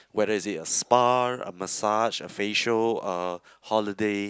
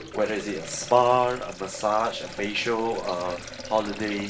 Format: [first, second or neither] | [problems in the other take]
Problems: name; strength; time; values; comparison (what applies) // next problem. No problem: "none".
first | background sound (Sink (filling or washing)); 13 dB below the speech // room echo; dies away in 0.3 s